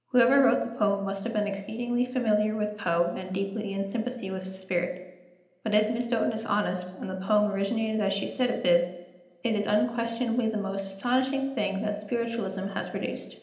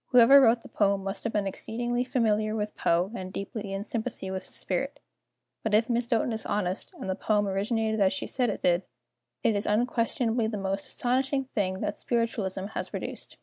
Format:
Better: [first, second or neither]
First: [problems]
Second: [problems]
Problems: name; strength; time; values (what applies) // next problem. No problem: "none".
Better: second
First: room echo; dies away in 0.8 s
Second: none